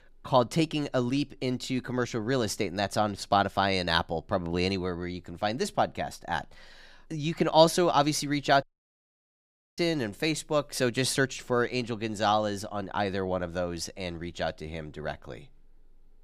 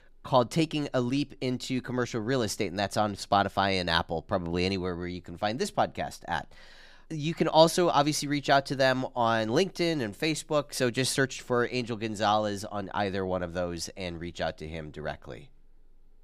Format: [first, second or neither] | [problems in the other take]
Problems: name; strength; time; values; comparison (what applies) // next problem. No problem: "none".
second | audio cutting out; at 8.5 s for 1 s